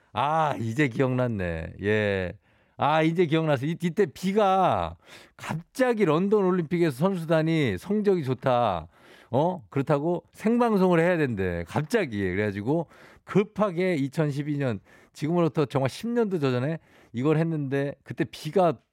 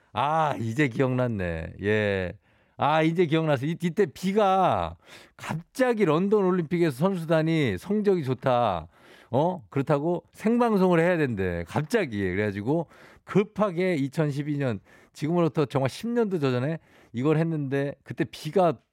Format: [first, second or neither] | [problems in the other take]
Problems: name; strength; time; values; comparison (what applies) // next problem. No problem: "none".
neither | none